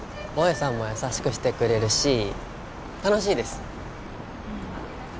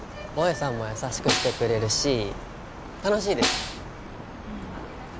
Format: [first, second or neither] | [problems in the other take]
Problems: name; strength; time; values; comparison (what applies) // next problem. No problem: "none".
first | background sound (Snare drum); 4 dB below the speech